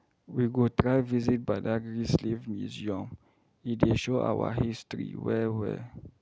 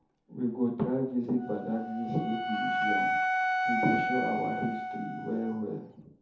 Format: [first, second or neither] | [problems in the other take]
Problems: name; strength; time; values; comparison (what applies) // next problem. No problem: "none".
first | background sound (Wind instrument, woodwind instrument); as loud as the speech // room echo; dies away in 0.5 s